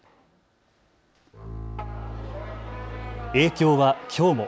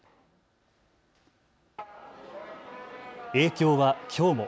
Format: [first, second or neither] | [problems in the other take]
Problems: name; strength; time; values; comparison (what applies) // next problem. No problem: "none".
second | background sound (Bowed string instrument); 11 dB below the speech